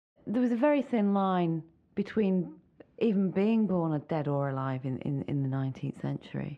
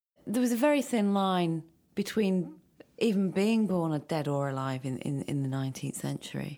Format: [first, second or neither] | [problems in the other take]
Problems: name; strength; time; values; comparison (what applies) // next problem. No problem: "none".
second | muffled; very; fading above 2 kHz